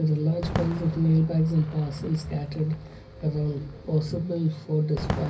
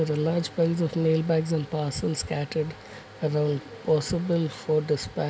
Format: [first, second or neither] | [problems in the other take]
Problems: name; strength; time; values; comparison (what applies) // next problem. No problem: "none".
second | background sound (Fireworks); 11 dB below the speech // room echo; dies away in 0.4 s